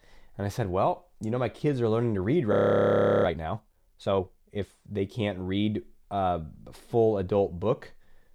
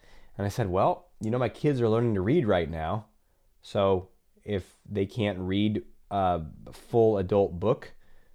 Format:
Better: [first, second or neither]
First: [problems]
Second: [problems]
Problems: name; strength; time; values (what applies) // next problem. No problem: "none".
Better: second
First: audio freezing; at 2.5 s for 0.5 s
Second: none